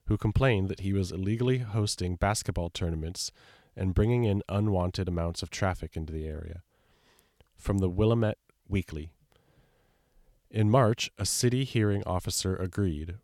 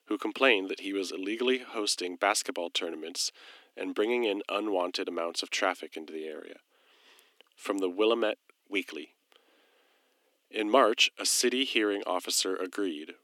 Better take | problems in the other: first | thin; somewhat; fading below 250 Hz

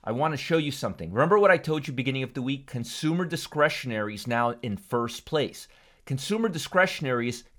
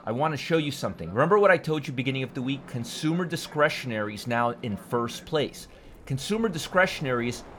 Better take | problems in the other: first | train or aircraft noise; faint; throughout; 20 dB below the speech

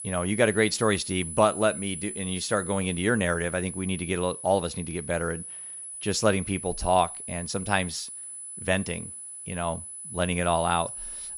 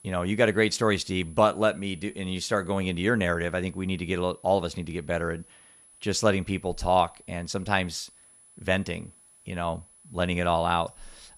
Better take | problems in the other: second | high-pitched whine; loud; throughout; 10 kHz, 9 dB below the speech; faint in the second

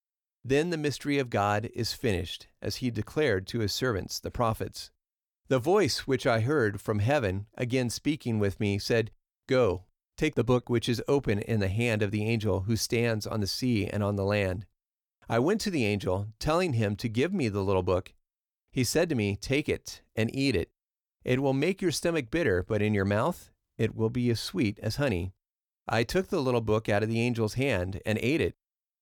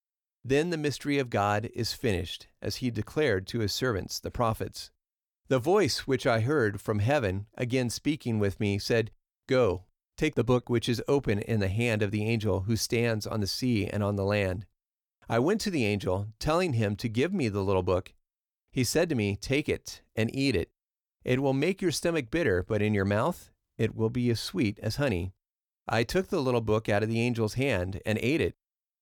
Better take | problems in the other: neither | none

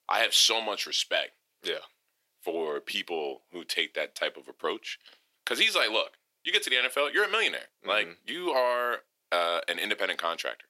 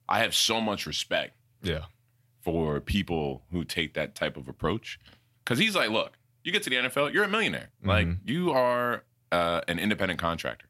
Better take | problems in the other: second | thin; very; fading below 400 Hz

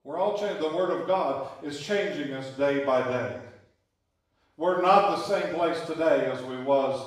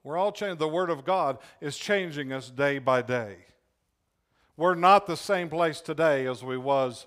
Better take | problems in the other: second | room echo; noticeable; dies away in 0.8 s // off-mic speech; far

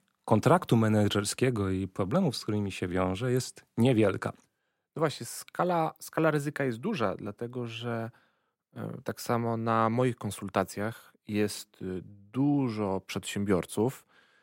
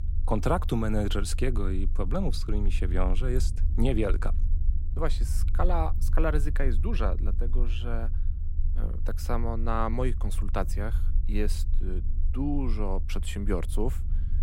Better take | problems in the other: first | low rumble; noticeable; throughout; 15 dB below the speech

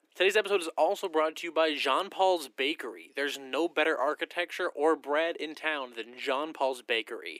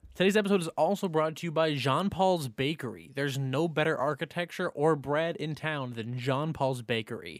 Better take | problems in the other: second | thin; very; fading below 300 Hz

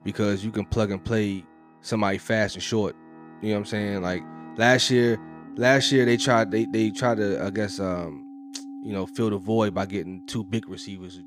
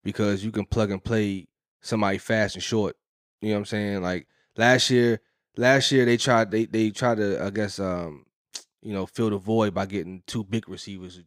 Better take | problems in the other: second | background music; noticeable; throughout; 15 dB below the speech

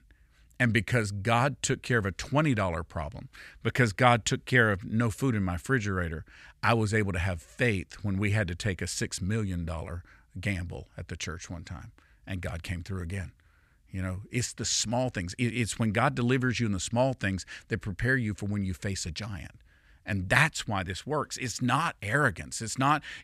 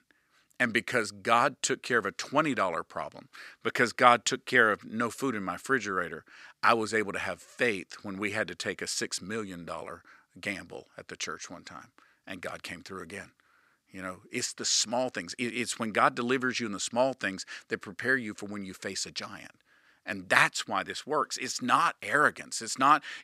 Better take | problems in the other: first | thin; somewhat; fading below 350 Hz

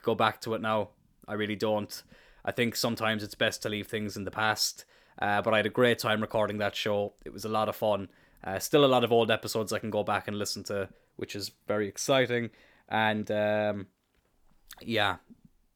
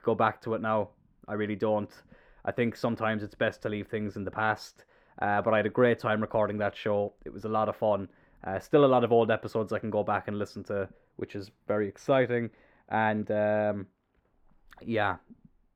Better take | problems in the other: first | muffled; very; fading above 3 kHz

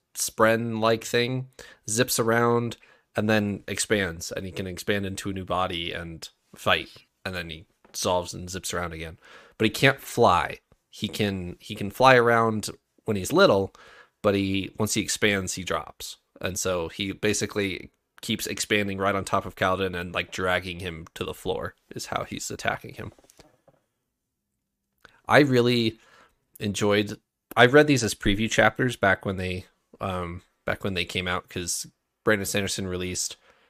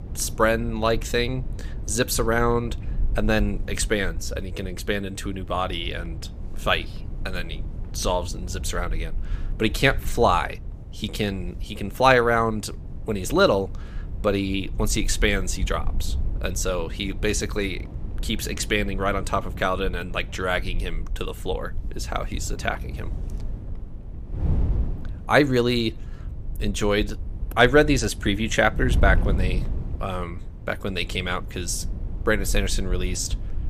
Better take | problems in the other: first | wind noise on the microphone; occasional gusts; 20 dB below the speech

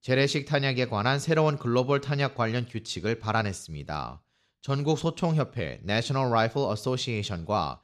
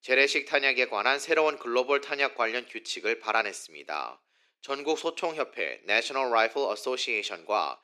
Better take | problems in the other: first | thin; very; fading below 350 Hz

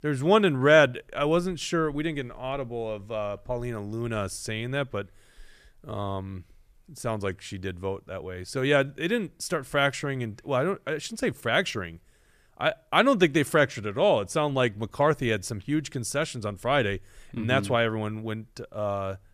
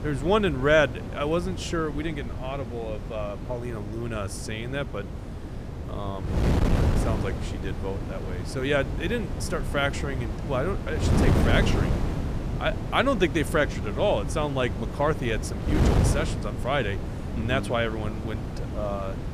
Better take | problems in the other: first | wind noise on the microphone; heavy; 8 dB below the speech

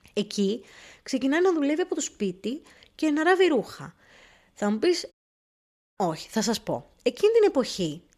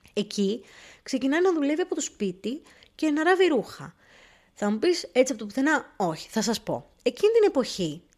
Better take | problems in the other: second | audio cutting out; at 5 s for 1 s

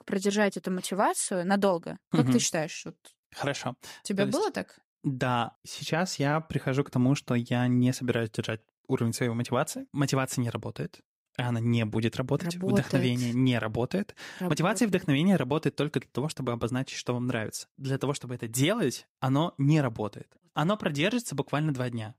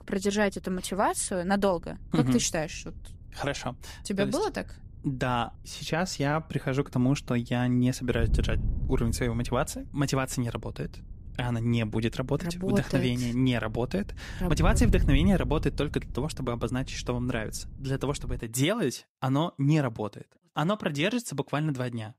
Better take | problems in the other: first | wind noise on the microphone; occasional gusts; until 18 s; 20 dB below the speech

